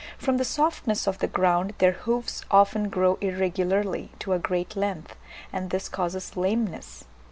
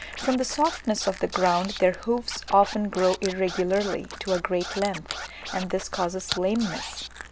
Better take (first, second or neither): first